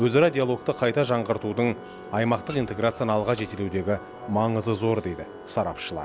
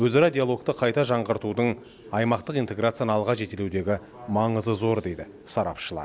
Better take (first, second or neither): second